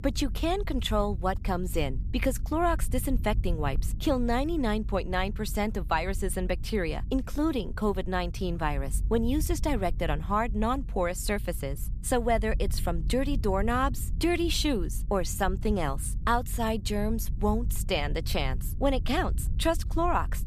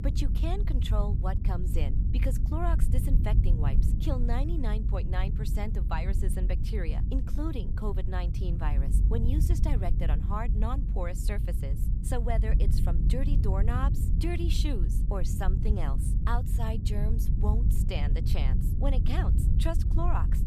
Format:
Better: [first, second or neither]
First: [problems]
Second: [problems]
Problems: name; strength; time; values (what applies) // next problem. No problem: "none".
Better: first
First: low rumble; faint; throughout; 20 dB below the speech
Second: low rumble; loud; throughout; 6 dB below the speech